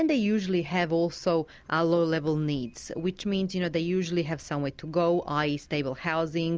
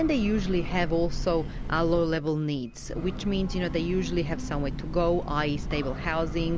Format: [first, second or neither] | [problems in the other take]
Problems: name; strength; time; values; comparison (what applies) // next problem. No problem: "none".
first | background sound (Train / Breathing); 5 dB below the speech